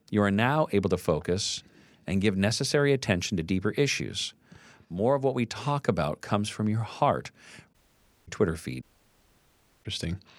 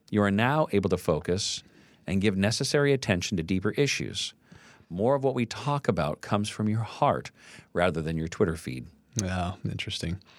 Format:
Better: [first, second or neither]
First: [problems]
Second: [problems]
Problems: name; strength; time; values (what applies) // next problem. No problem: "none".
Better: second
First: audio cutting out; at 7.5 s for 0.5 s and at 9 s for 1 s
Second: none